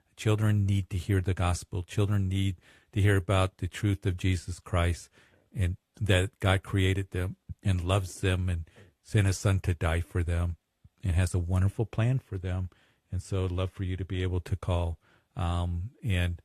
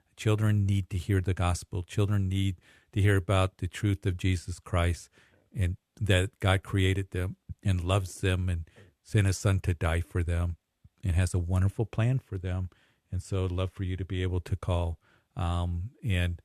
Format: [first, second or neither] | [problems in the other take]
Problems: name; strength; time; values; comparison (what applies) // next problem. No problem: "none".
second | garbled, watery; slightly; nothing above 13.5 kHz